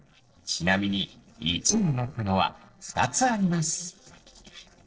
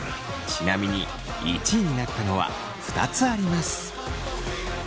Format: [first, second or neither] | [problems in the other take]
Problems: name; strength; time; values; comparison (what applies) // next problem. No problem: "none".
second | noise reduction (neural separator model SepFormer DNS4)